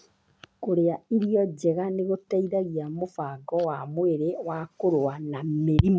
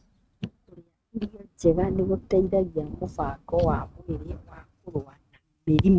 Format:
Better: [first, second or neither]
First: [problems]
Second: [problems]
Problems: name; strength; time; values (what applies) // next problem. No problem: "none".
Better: first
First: none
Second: noise reduction (neural mask model RNNoise)